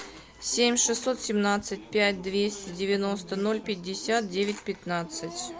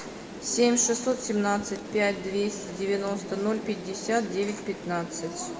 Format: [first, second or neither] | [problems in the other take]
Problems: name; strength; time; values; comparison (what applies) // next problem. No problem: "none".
first | background sound (Rain); 12 dB below the speech // room echo; dies away in 1.2 s